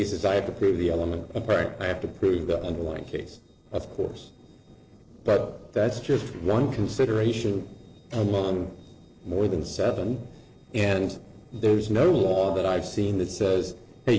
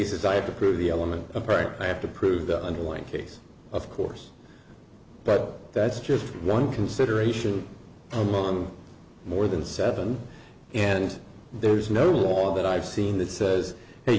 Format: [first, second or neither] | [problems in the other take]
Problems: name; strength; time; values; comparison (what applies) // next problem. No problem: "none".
second | noise reduction (neural separator model SepFormer DNS4)